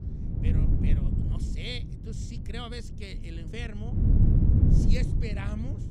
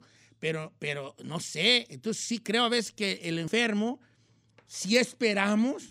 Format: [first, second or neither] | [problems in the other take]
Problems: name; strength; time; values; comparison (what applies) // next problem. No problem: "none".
second | wind noise on the microphone; heavy; 2 dB above the speech